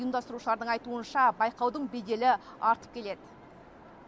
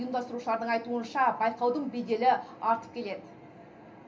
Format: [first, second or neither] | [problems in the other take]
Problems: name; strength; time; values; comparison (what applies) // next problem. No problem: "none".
first | room echo; dies away in 0.3 s